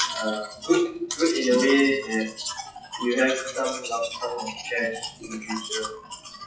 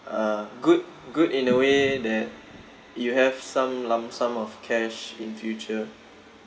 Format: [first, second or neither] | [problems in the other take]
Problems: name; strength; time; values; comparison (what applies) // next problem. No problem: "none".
second | noise reduction (classical method WPE with log-MMSE)